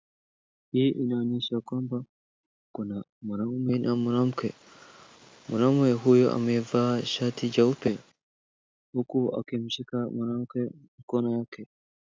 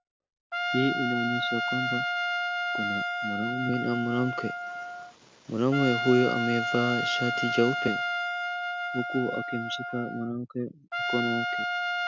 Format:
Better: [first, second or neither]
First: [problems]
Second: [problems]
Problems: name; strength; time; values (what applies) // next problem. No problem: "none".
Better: first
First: none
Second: background sound (Trumpet); 1 dB below the speech